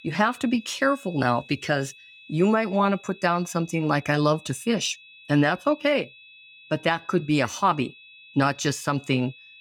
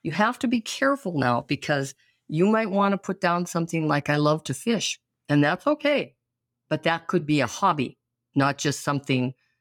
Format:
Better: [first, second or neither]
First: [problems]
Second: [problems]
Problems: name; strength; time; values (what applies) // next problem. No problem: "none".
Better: second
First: high-pitched whine; faint; throughout; 2.5 kHz, 20 dB below the speech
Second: none